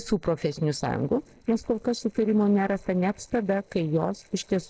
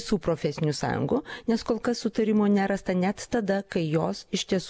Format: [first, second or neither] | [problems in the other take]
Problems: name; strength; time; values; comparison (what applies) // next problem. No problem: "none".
second | noise reduction (neural separator model SepFormer DNS4)